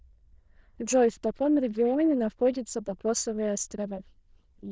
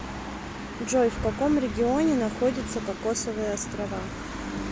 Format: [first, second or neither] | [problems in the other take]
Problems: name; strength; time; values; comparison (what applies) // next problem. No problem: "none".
second | noise reduction (neural diffusion model UNIVERSE++)